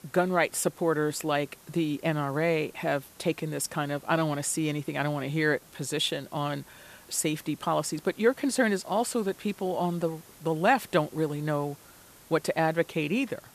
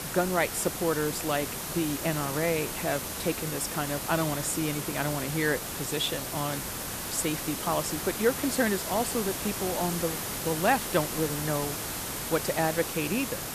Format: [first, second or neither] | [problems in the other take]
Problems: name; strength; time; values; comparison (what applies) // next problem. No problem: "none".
first | hiss; loud; throughout; 3 dB below the speech; faint in the first